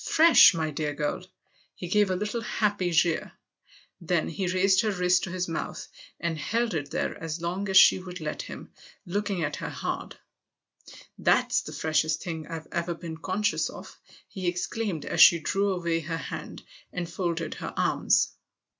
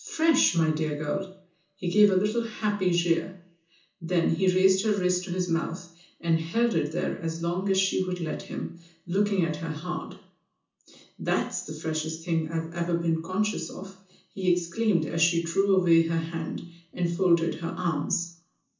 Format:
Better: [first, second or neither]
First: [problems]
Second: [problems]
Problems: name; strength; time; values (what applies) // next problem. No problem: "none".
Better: first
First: none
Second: room echo; dies away in 0.6 s